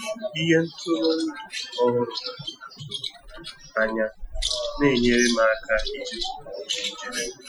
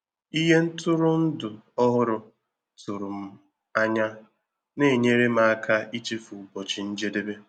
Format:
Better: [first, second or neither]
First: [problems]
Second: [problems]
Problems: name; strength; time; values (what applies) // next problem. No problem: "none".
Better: second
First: noise reduction (classical method Wiener filter)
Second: none